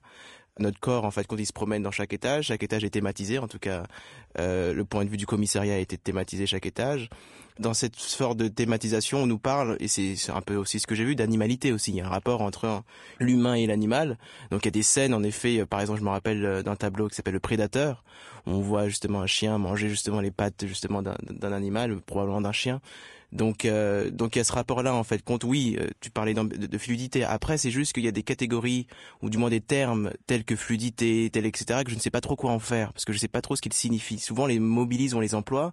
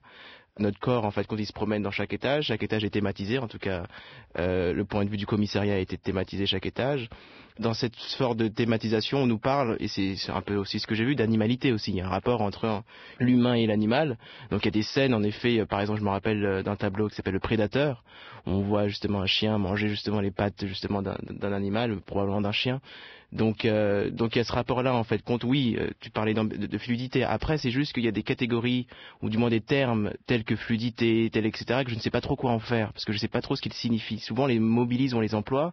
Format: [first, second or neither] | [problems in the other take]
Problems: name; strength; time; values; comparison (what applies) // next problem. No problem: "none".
first | garbled, watery; badly; nothing above 5.5 kHz; slightly in the first